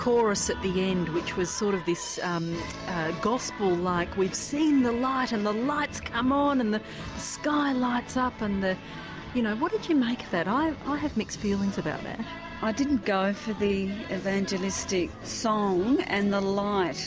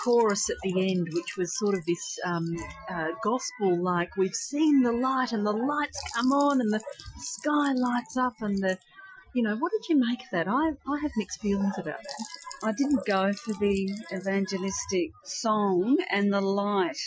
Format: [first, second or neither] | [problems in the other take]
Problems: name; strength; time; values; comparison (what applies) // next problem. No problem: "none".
first | noise reduction (classical method Wiener filter)